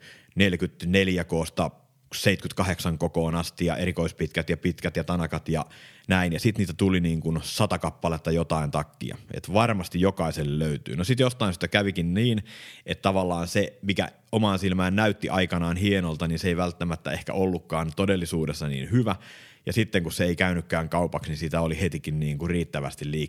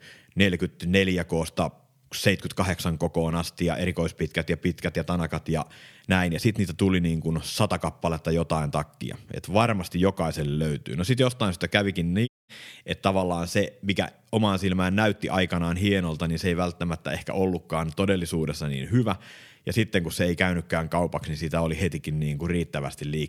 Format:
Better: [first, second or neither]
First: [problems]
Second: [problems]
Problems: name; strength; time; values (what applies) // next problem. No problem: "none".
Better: first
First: none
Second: audio cutting out; at 12 s